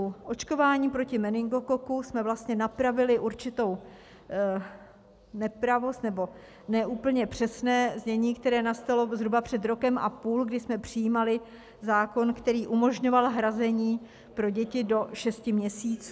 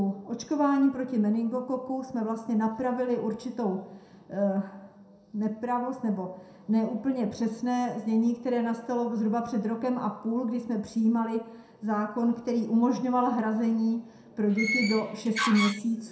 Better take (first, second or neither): first